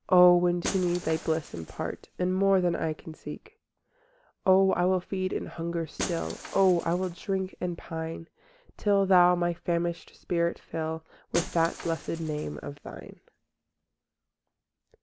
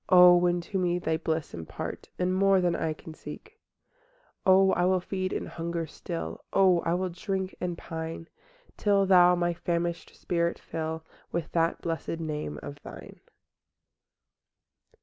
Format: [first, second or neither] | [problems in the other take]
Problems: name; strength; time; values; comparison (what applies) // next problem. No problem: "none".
second | background sound (Shatter); 17 dB below the speech